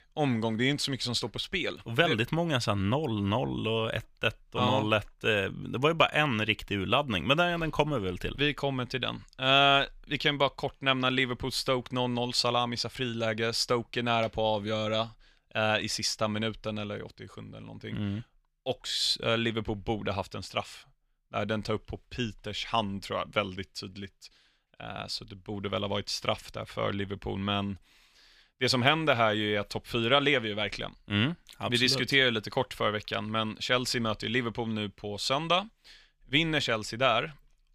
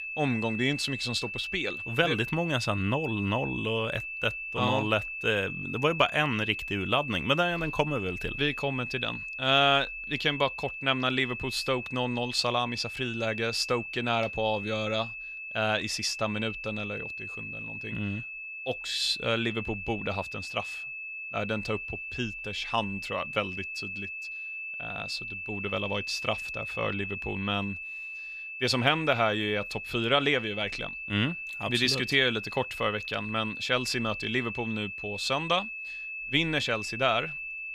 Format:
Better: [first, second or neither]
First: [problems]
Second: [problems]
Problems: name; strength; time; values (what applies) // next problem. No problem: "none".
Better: first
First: none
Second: high-pitched whine; loud; throughout; 2.5 kHz, 6 dB below the speech